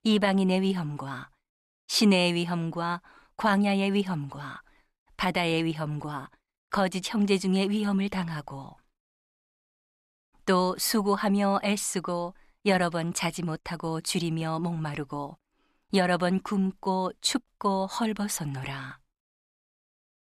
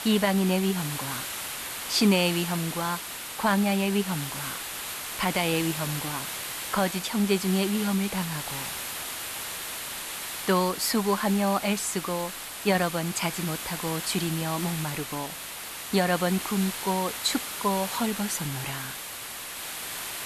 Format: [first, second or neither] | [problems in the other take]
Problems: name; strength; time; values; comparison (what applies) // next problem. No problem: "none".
first | hiss; loud; throughout; 6 dB below the speech